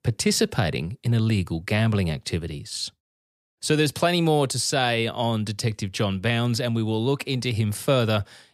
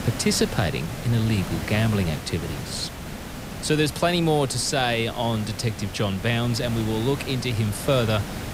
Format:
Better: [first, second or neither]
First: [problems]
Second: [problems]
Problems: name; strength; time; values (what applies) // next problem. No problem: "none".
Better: first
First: none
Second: hiss; loud; throughout; 10 dB below the speech